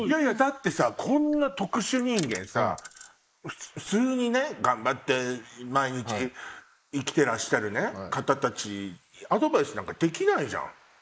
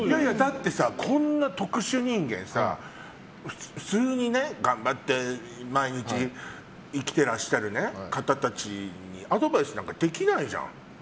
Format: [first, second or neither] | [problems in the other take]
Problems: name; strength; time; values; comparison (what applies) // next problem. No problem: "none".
second | noise reduction (neural mask model Resemble Enhance denoiser)